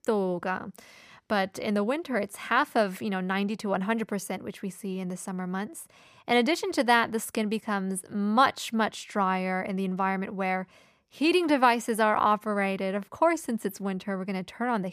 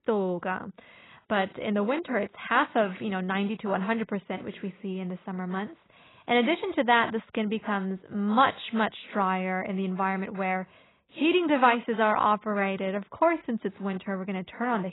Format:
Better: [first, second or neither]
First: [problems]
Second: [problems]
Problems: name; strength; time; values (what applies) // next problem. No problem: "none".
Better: first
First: none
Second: garbled, watery; badly; nothing above 4 kHz